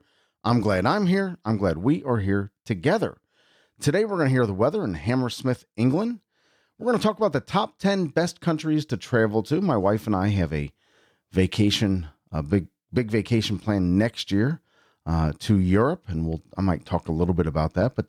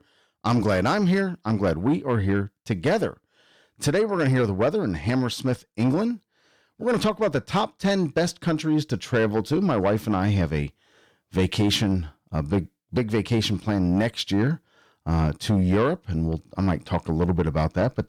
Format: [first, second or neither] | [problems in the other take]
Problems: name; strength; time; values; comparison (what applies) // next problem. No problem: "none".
first | distortion; slight; 10 dB below the speech